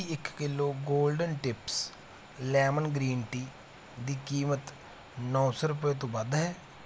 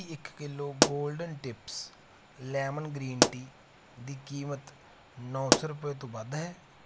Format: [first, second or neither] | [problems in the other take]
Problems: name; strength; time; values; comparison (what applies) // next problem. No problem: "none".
first | background sound (Explosion); 3 dB above the speech